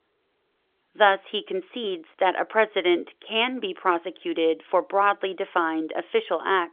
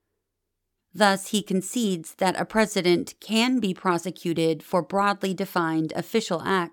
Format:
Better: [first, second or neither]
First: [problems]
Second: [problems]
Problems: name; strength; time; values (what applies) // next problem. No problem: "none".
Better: second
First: phone-call audio; nothing above 3.5 kHz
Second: none